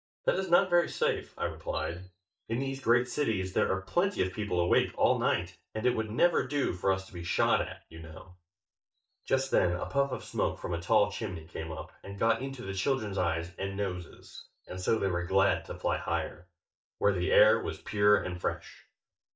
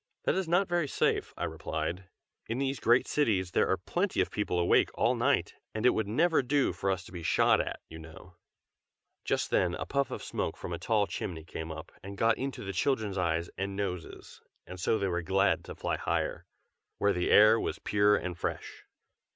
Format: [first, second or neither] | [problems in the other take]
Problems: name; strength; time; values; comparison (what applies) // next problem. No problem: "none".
second | noise reduction (neural mask model DeepFilterNet 3)